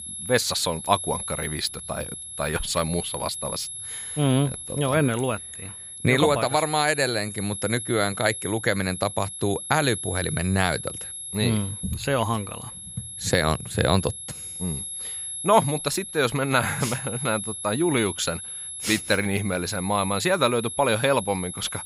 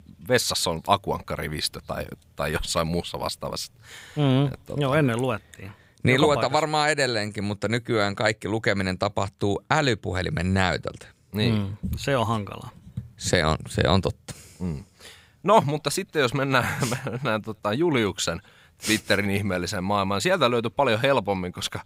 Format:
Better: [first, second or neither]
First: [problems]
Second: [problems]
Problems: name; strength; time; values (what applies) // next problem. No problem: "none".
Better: second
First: high-pitched whine; loud; throughout; 11 kHz, 8 dB below the speech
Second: none